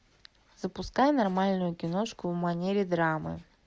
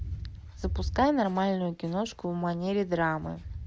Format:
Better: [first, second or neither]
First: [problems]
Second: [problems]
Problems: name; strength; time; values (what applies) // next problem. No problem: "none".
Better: first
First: none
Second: background sound (Thunder); 9 dB below the speech